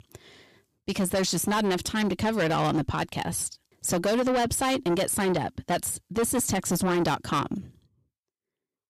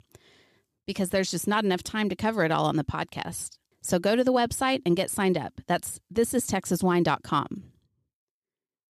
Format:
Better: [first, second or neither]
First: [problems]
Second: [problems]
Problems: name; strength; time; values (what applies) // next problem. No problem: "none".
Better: second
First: distortion; heavy; 7 dB below the speech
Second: none